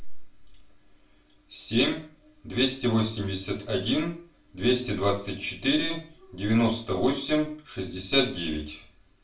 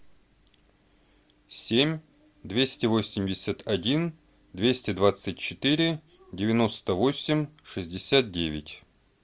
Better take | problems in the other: second | room echo; dies away in 0.3 s

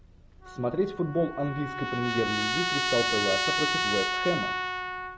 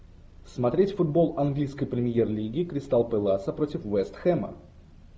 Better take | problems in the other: second | background sound (Trumpet); as loud as the speech

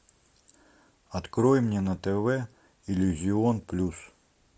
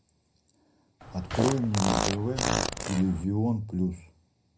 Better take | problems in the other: first | background sound (Fart); as loud as the speech // room echo; dies away in 0.4 s

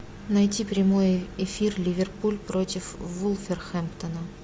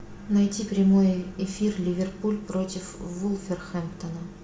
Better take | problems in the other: first | room echo; dies away in 0.6 s

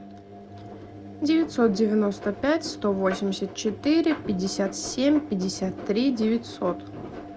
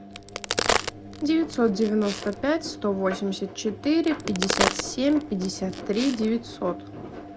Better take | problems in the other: first | background sound (Crack); 5 dB below the speech

